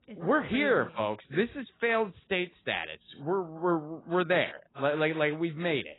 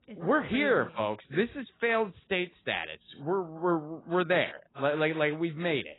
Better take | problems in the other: neither | garbled, watery; badly; nothing above 4 kHz; the same in both

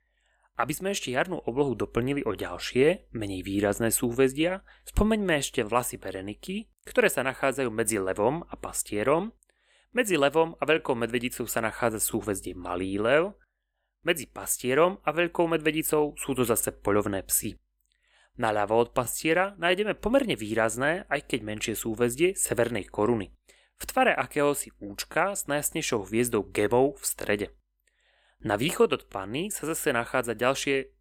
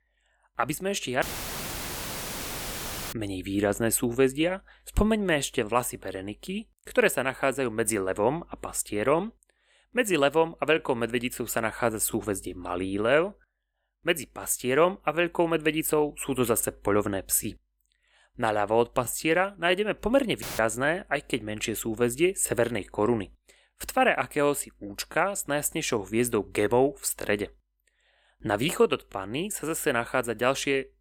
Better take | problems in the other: first | audio cutting out; filled with static; at 1 s for 2 s and at 20 s

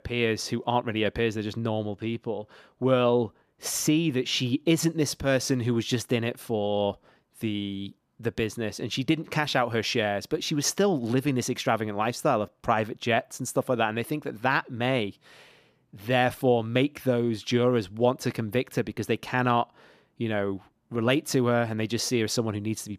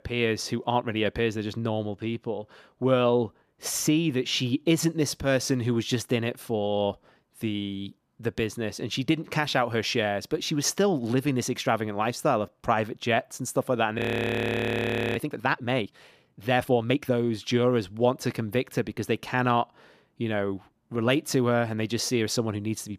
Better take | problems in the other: first | audio freezing; at 14 s for 1 s

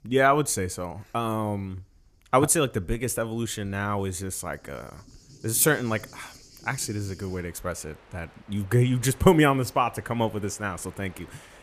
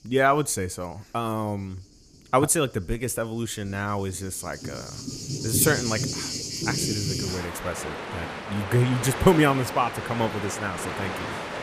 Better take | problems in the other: first | rain or running water; loud; throughout; 5 dB below the speech; faint in the first

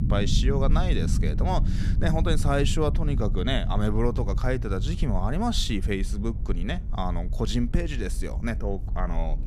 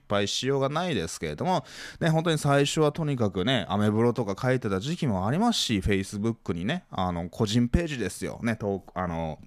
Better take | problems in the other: second | low rumble; noticeable; throughout; 10 dB below the speech

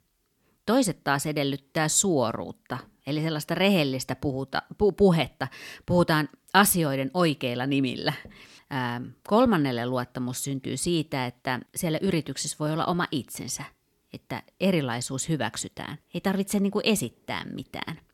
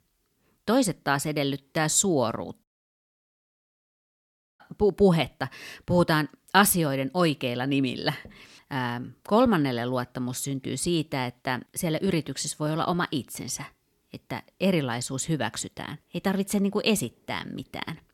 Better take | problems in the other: first | audio cutting out; at 2.5 s for 2 s

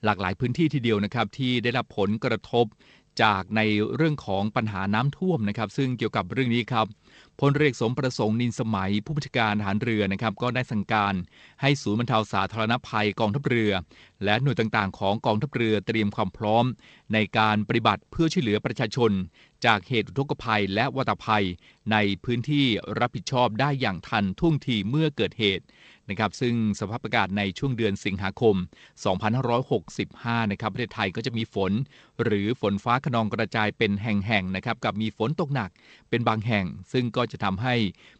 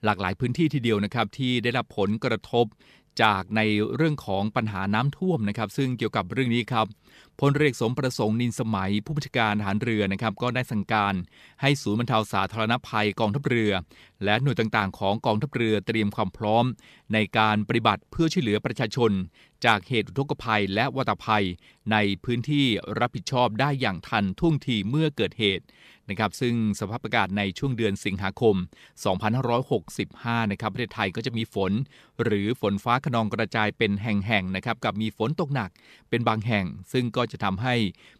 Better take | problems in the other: second | garbled, watery; slightly; nothing above 8 kHz

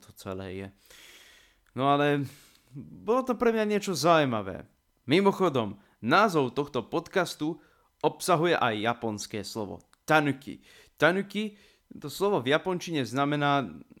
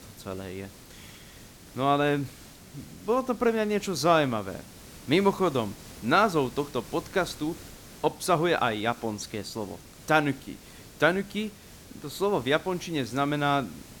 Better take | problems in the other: first | hiss; noticeable; throughout; 20 dB below the speech

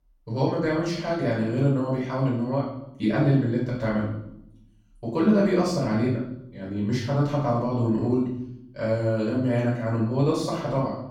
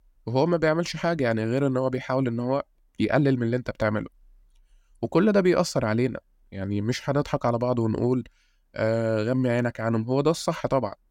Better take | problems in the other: second | off-mic speech; far // room echo; noticeable; dies away in 0.7 s

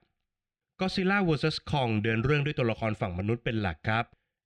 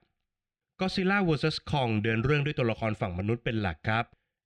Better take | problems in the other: neither | muffled; slightly; fading above 2.5 kHz; the same in both

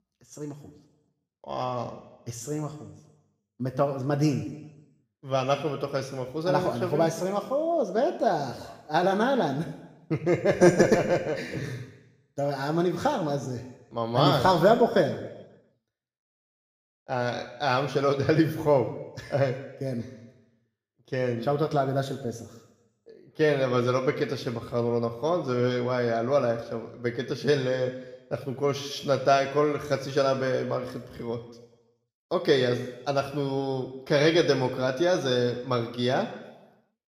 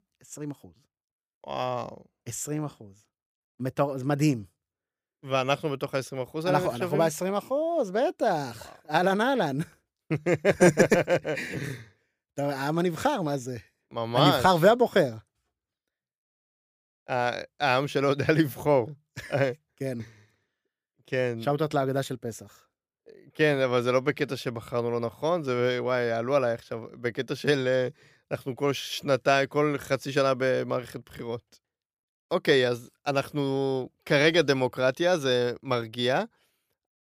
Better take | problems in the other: second | room echo; slight; dies away in 0.9 s

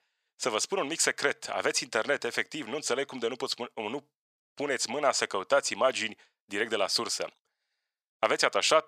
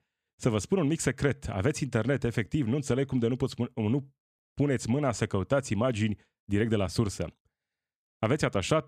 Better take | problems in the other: second | thin; very; fading below 750 Hz

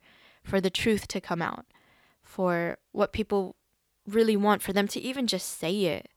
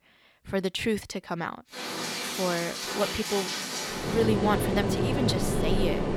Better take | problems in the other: first | rain or running water; very loud; from 2 s on; 1 dB above the speech

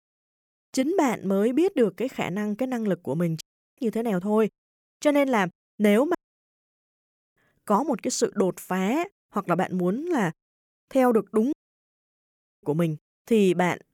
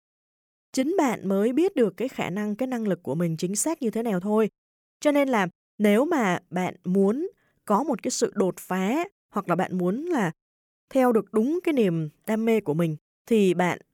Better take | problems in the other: second | audio cutting out; at 3.5 s, at 6 s for 1 s and at 12 s for 1 s

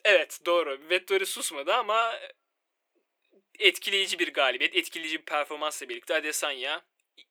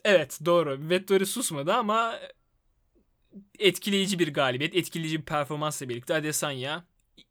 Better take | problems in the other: second | thin; very; fading below 350 Hz

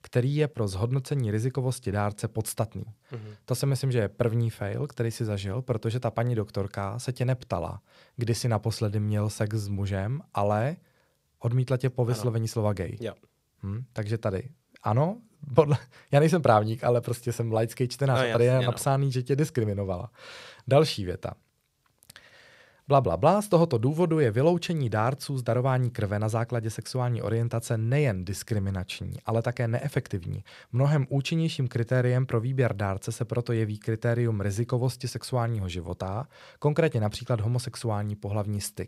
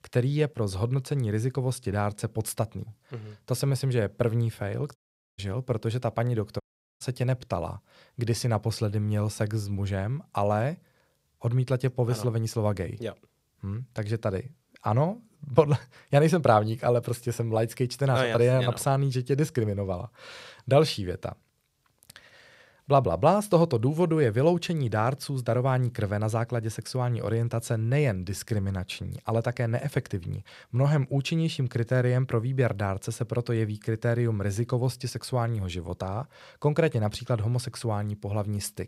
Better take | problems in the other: first | audio cutting out; at 5 s and at 6.5 s

